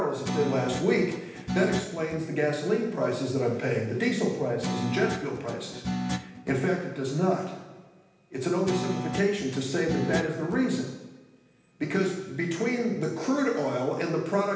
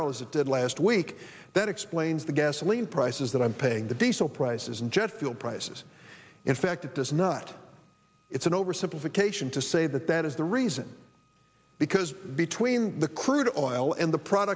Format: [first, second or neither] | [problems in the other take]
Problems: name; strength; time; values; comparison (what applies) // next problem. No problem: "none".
second | background sound (Guitar); 6 dB below the speech // room echo; dies away in 0.9 s